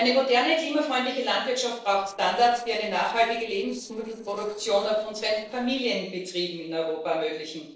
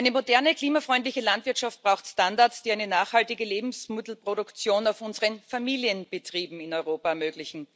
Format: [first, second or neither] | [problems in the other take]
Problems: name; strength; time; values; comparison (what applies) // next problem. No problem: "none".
second | noise reduction (neural separator model SepFormer DNS4)